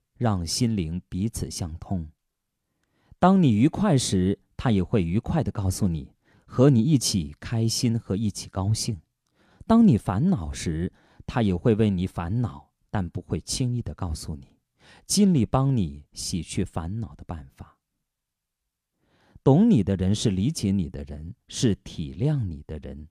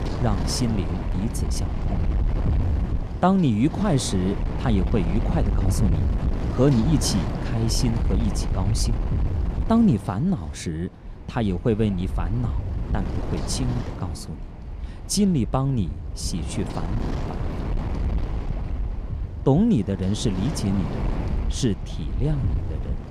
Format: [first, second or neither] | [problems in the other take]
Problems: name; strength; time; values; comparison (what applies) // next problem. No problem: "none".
first | wind noise on the microphone; heavy; 8 dB below the speech